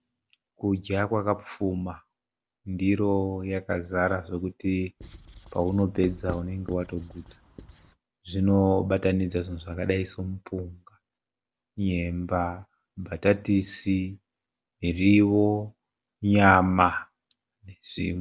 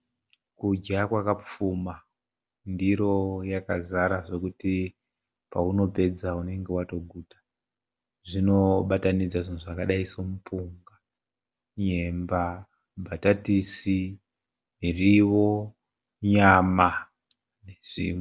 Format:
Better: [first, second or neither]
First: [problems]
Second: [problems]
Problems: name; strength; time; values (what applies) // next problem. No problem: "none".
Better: second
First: background sound (Writing); 16 dB below the speech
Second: none